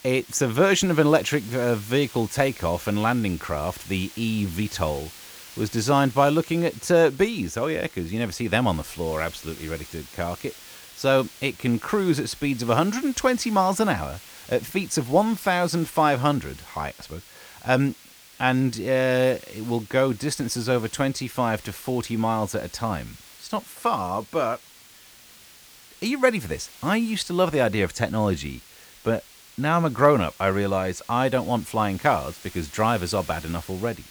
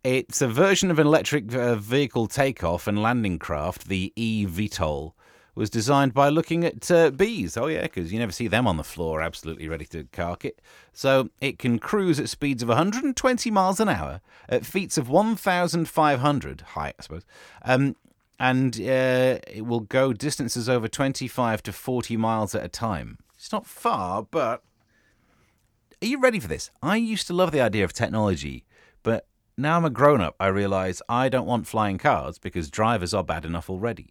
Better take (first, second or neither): second